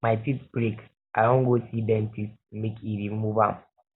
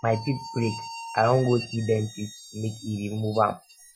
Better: first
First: none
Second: noise reduction (classical method Wiener filter)

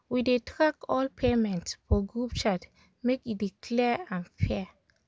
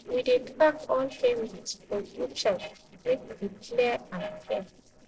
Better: first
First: none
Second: noise reduction (neural separator model SepFormer DNS4)

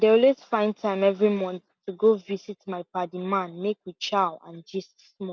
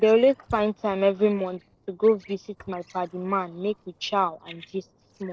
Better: first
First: none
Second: noise reduction (neural separator model SepFormer DNS4)

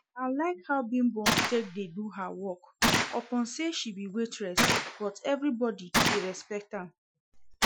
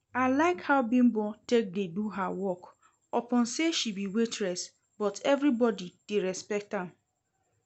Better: second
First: noise reduction (classical method Wiener filter)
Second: none

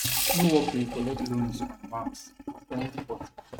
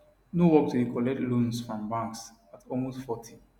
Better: second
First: noise reduction (neural mask model RNNoise)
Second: none

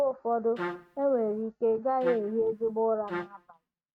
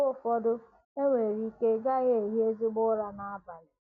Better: second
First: noise reduction (neural mask model RNNoise)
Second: none

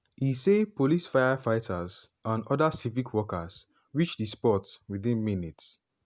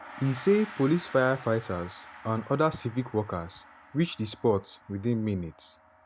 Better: first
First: none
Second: background sound (Gong); 19 dB below the speech

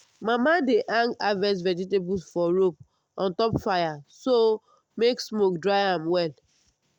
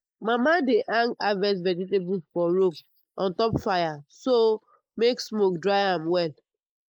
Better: first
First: none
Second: noise reduction (neural mask model Resemble Enhance denoiser)

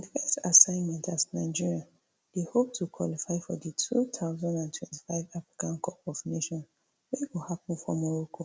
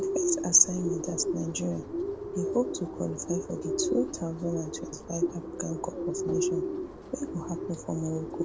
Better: first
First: none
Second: background sound (Bird); 2 dB below the speech

